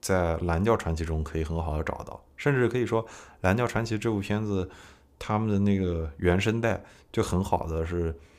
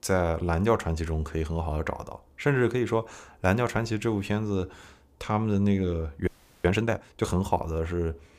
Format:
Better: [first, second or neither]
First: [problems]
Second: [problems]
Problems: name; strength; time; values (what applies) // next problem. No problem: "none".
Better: first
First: none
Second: audio freezing; at 6.5 s